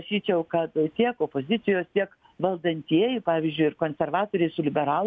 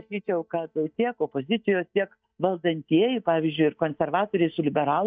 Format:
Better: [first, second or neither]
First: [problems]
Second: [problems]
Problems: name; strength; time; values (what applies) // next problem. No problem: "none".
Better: first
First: none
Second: noise reduction (neural mask model DeepFilterNet 3)